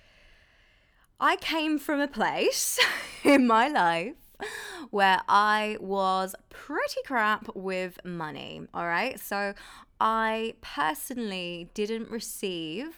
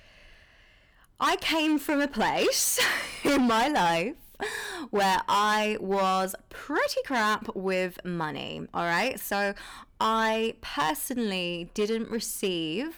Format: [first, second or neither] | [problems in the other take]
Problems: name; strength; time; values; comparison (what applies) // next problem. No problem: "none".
first | distortion; heavy; 10% of the sound clipped